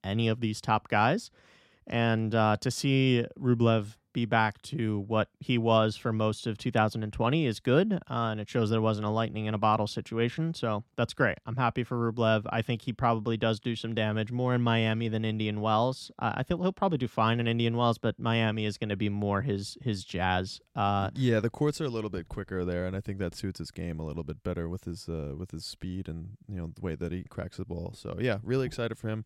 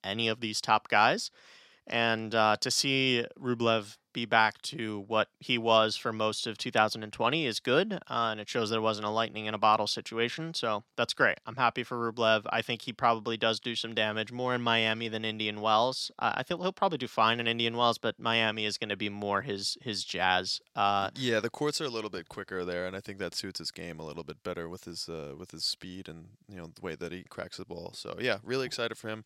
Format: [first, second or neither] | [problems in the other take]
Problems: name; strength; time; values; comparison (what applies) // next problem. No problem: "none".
first | thin; somewhat; fading below 700 Hz